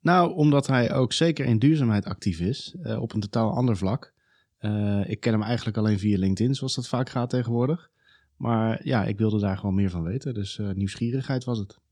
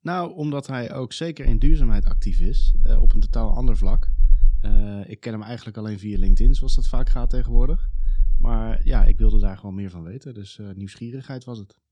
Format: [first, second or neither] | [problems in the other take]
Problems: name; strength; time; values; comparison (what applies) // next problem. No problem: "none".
first | low rumble; noticeable; from 1.5 to 5 s and from 6 to 9.5 s; 20 dB below the speech